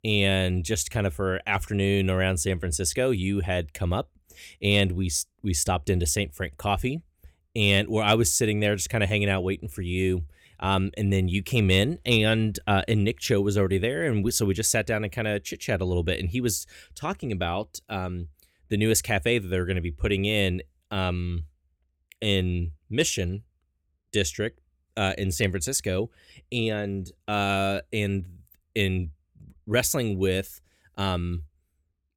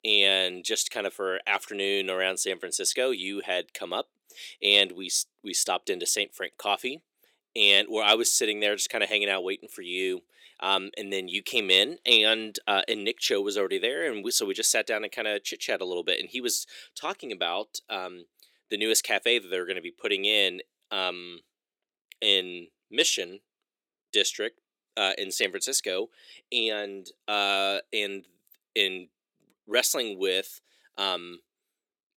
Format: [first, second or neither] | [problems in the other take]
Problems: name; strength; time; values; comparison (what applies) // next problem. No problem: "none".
first | thin; very; fading below 300 Hz